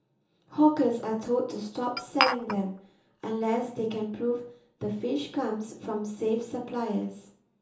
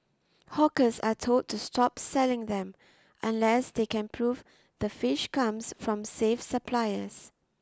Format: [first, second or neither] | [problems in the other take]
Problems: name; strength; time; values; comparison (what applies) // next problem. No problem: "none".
second | background sound (Glass); 1 dB below the speech // room echo; dies away in 1.2 s